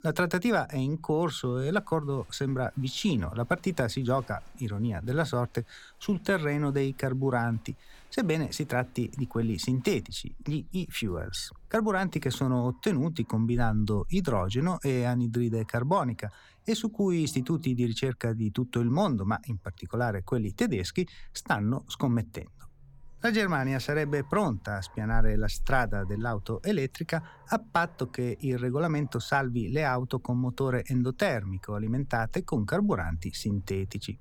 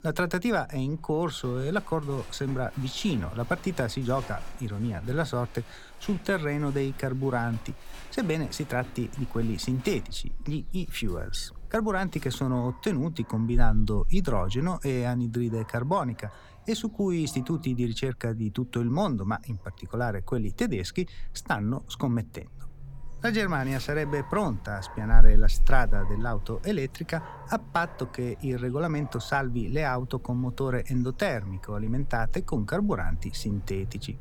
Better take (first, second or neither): first